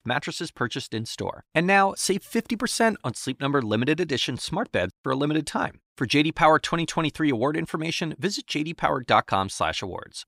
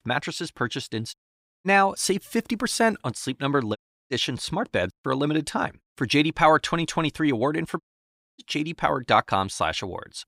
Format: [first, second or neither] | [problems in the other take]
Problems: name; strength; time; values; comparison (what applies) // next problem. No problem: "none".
first | audio cutting out; at 1 s for 0.5 s, at 4 s and at 8 s for 0.5 s